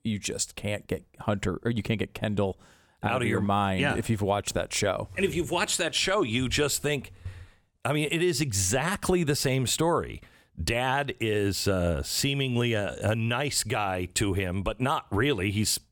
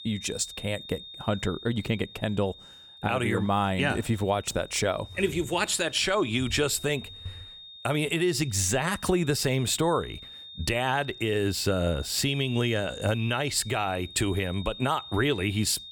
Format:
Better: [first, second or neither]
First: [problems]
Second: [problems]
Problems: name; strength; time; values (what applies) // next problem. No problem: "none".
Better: first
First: none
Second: high-pitched whine; noticeable; throughout; 3.5 kHz, 15 dB below the speech